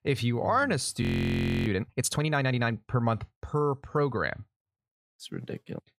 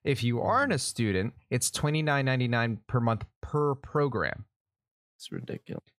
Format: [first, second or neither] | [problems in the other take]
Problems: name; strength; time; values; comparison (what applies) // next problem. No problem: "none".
second | audio freezing; at 1 s for 0.5 s